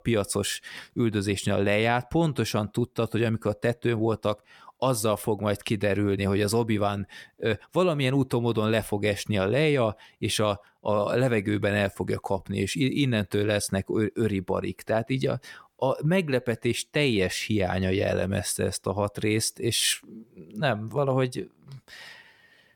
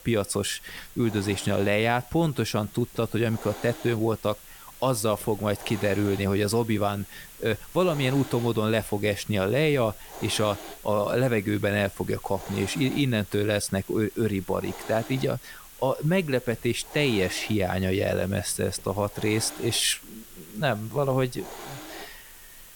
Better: first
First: none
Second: hiss; noticeable; throughout; 15 dB below the speech

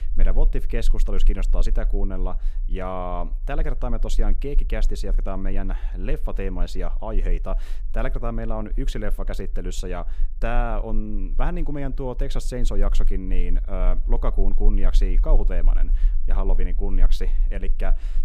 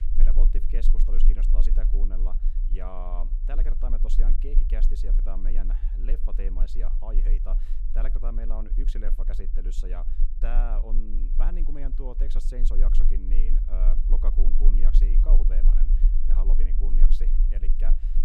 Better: first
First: low rumble; faint; throughout; 25 dB below the speech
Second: low rumble; loud; throughout; 8 dB below the speech

